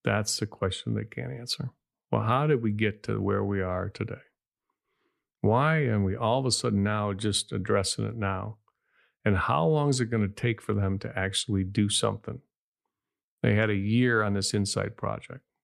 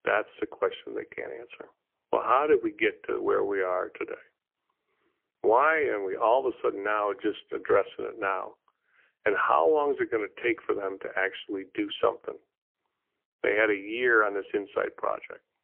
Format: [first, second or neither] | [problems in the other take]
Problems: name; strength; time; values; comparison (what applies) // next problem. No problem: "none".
first | phone-call audio; poor line; nothing above 3 kHz